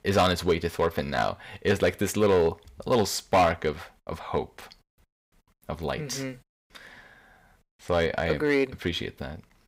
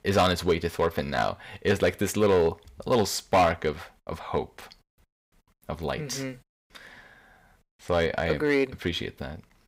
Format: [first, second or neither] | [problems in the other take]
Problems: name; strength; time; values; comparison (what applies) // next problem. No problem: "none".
neither | distortion; slight; 2% of the sound clipped; the same in both